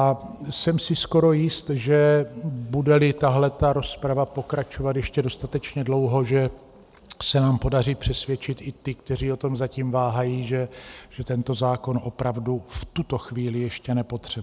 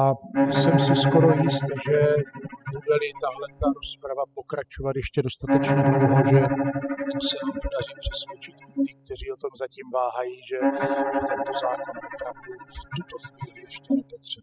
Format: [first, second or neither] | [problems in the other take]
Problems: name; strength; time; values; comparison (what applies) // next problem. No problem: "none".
first | noise reduction (classical method spectral subtraction)